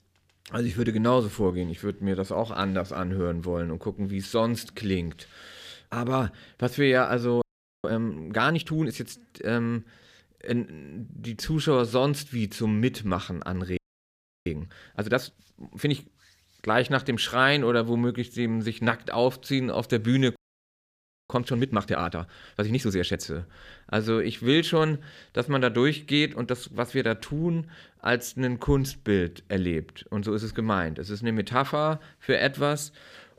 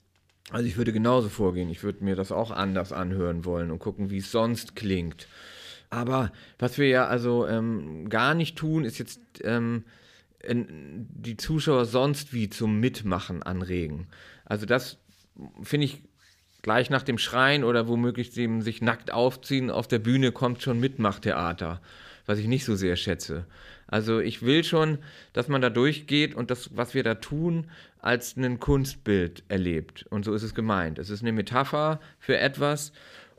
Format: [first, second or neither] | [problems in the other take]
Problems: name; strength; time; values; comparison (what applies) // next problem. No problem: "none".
second | audio freezing; at 7.5 s, at 14 s for 0.5 s and at 20 s for 1 s